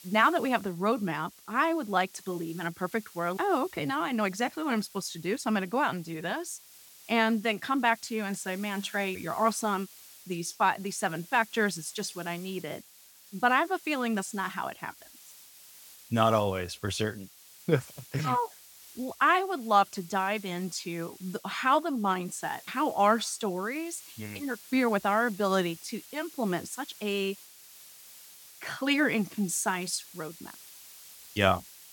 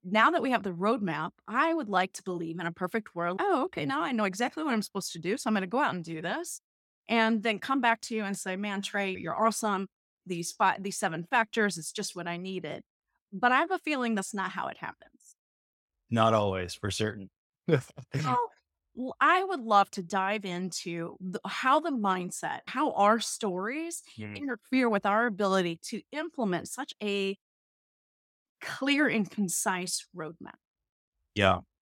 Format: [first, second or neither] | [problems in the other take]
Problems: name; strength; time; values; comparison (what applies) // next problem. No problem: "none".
second | hiss; noticeable; throughout; 20 dB below the speech